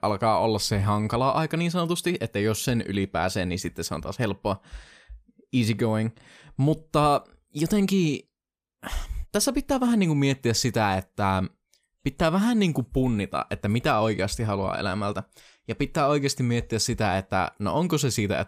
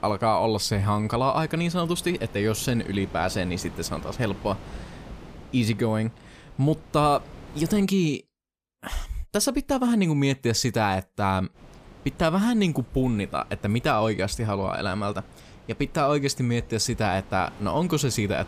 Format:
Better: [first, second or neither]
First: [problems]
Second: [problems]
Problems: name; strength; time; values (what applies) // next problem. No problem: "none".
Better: first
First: none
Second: wind noise on the microphone; occasional gusts; until 8 s and from 12 s on; 20 dB below the speech